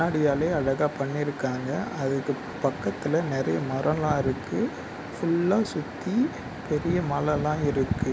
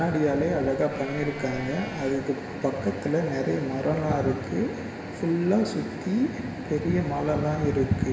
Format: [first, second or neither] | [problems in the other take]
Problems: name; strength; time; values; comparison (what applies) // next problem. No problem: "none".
first | background sound (Livestock, farm animals, working animals); 14 dB below the speech // room echo; dies away in 2.8 s